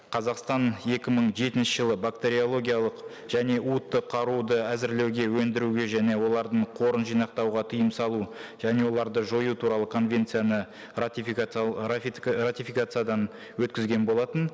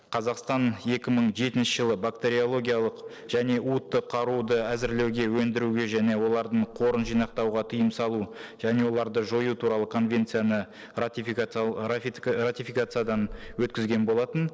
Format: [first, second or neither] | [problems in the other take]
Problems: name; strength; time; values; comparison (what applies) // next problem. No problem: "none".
first | noise reduction (neural separator model SepFormer DNS4)